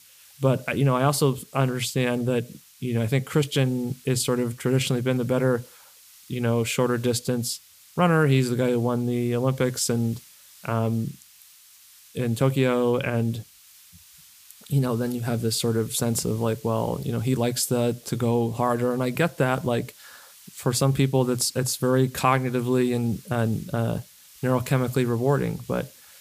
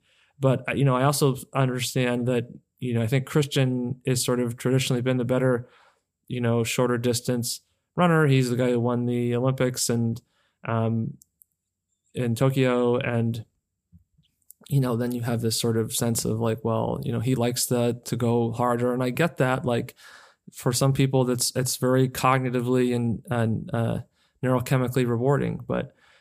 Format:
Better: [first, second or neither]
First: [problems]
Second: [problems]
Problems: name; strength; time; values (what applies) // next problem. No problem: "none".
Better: second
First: hiss; faint; throughout; 25 dB below the speech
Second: none